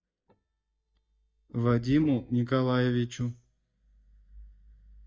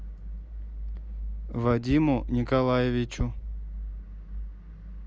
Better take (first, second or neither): second